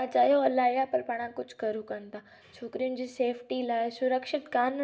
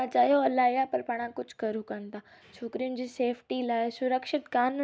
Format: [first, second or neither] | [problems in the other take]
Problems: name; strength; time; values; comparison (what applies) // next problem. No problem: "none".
second | room echo; dies away in 0.6 s